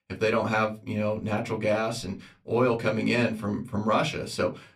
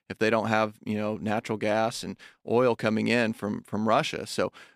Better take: second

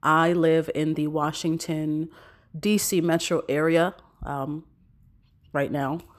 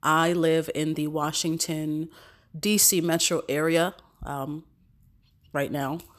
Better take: second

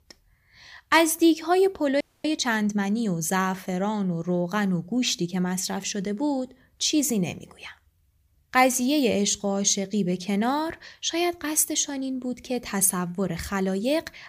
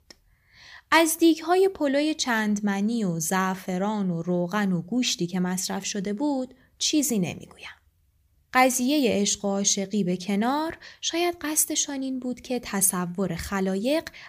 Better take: second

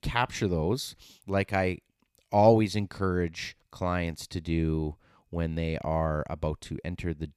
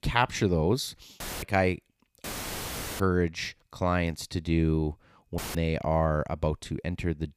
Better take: first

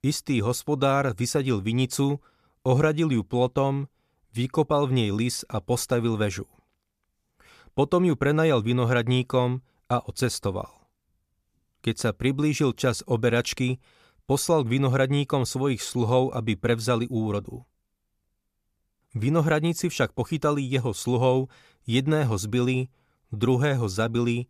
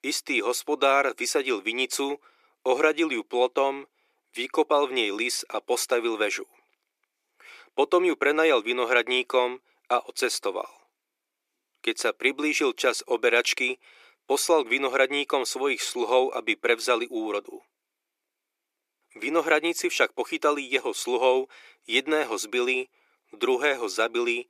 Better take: first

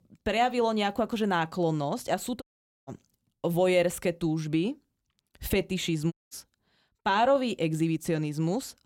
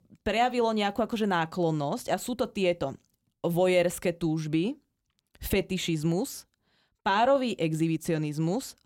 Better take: second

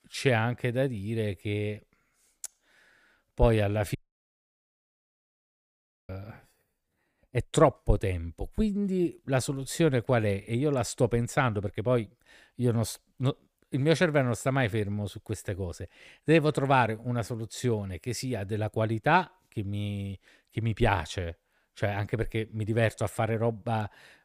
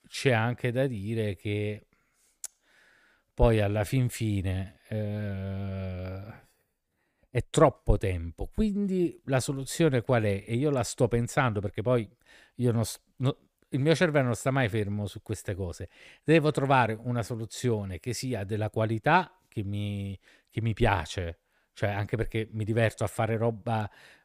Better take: second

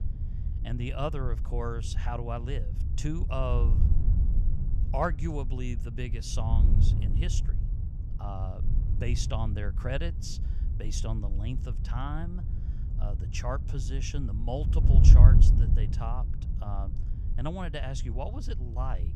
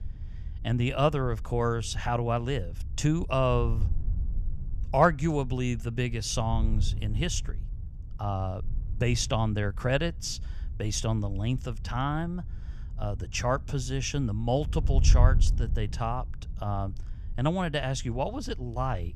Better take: second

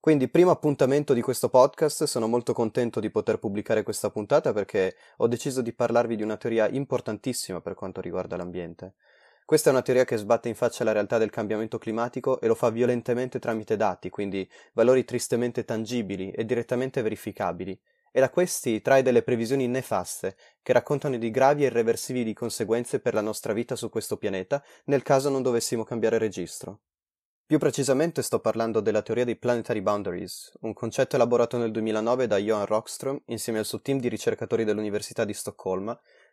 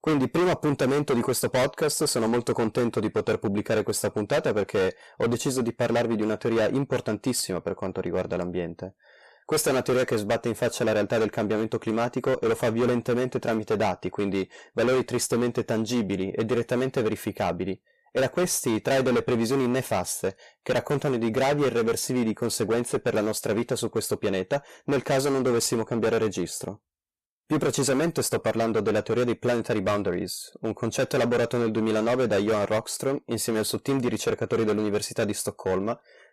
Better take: first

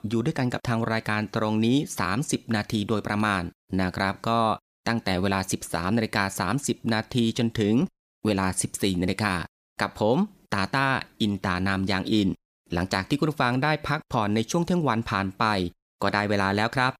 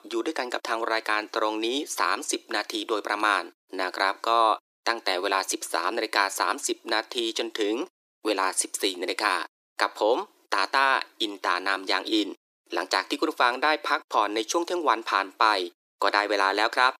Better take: first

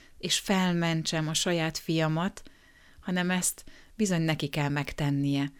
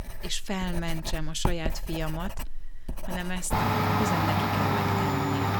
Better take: first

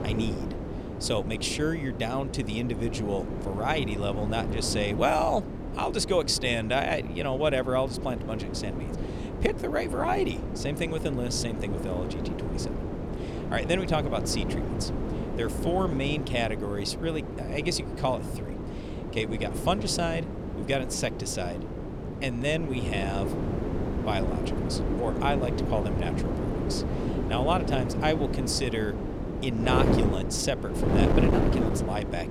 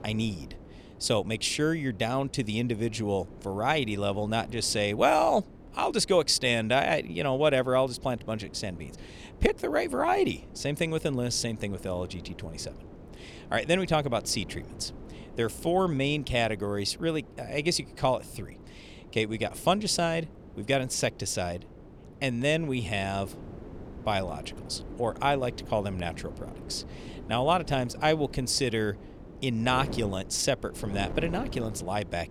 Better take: second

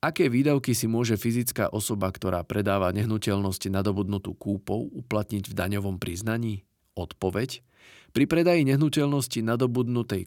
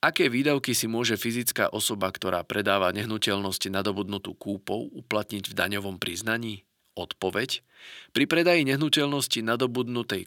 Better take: first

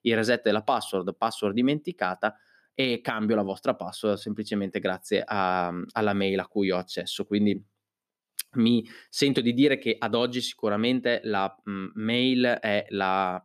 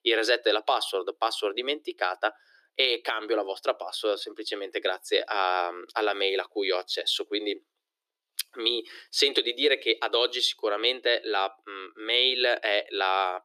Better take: first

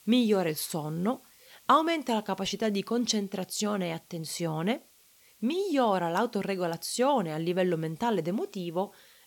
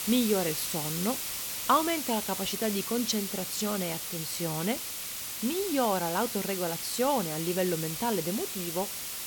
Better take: first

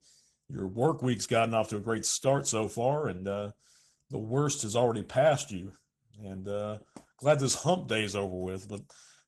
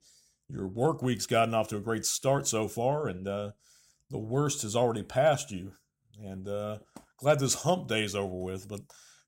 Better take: second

